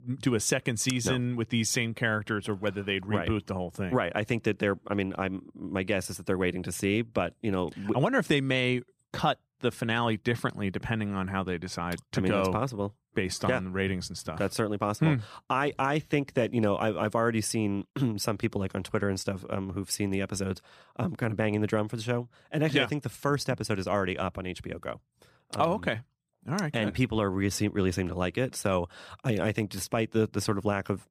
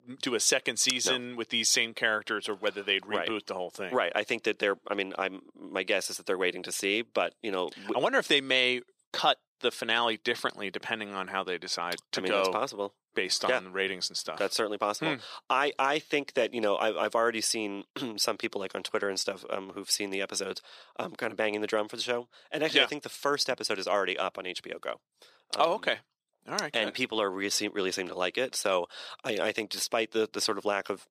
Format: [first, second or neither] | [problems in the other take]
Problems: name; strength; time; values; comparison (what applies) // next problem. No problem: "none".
first | thin; somewhat; fading below 450 Hz